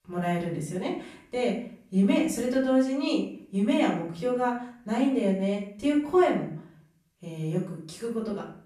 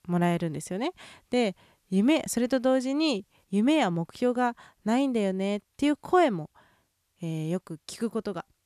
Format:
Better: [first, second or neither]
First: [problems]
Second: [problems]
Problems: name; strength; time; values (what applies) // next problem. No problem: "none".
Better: second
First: room echo; noticeable; dies away in 0.5 s // off-mic speech; far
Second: none